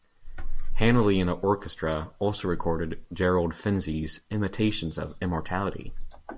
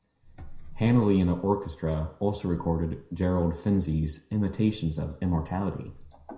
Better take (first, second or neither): first